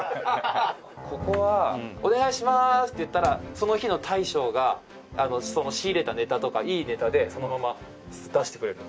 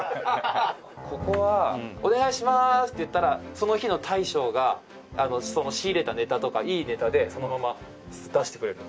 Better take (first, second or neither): second